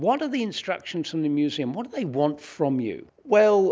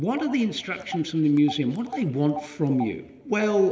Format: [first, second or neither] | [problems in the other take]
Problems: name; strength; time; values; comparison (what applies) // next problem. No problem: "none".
first | background sound (Telephone); 15 dB below the speech // room echo; dies away in 1.4 s